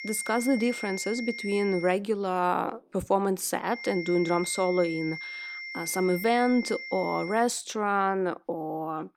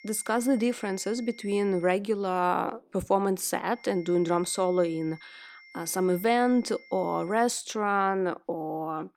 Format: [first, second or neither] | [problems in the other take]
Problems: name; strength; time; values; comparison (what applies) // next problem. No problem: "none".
second | high-pitched whine; loud; until 2 s and from 3.5 to 7.5 s; 2 kHz, 9 dB below the speech; faint in the second